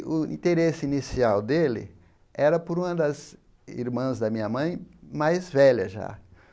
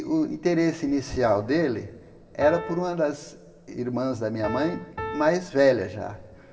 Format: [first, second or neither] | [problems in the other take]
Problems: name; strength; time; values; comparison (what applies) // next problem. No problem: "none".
first | background sound (Piano); 8 dB below the speech // room echo; dies away in 3 s